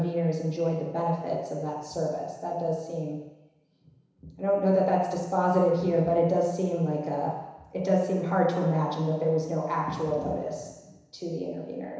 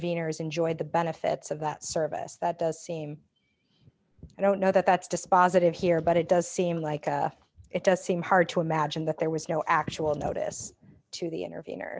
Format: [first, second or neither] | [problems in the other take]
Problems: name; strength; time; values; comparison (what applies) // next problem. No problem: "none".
second | room echo; dies away in 1 s